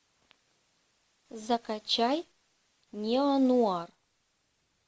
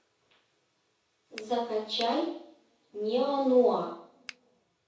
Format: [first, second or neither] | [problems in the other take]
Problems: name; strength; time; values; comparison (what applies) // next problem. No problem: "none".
first | background sound (Finger snapping); 17 dB below the speech // room echo; dies away in 0.6 s